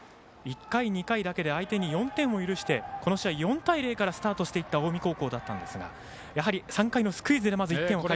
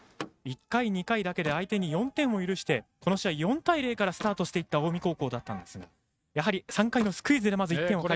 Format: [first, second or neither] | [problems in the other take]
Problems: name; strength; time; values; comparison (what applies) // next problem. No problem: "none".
first | noise reduction (neural mask model RNNoise)